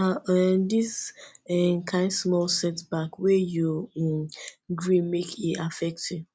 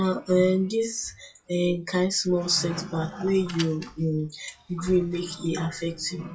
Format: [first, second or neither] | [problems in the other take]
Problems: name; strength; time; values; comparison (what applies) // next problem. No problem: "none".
first | noise reduction (classical method WPE with log-MMSE)